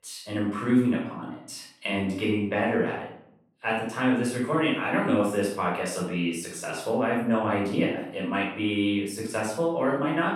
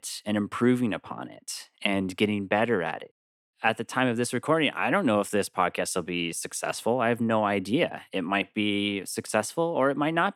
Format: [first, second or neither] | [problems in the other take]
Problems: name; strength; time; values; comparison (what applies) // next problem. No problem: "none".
second | off-mic speech; far // room echo; noticeable; dies away in 0.6 s